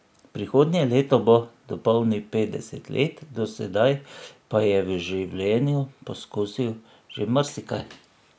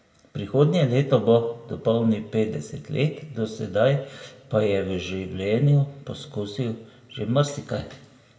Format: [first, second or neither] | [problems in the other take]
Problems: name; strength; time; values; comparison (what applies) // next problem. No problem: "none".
first | room echo; dies away in 0.9 s